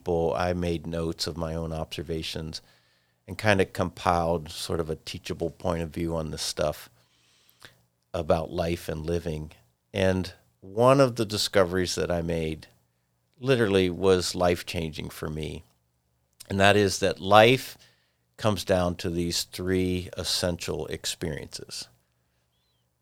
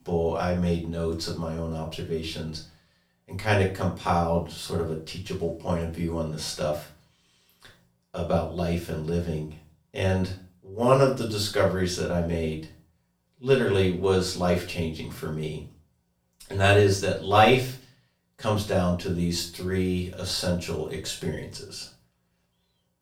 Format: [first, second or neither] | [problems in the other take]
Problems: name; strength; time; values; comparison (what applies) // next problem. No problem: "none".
first | room echo; slight; dies away in 0.3 s // off-mic speech; far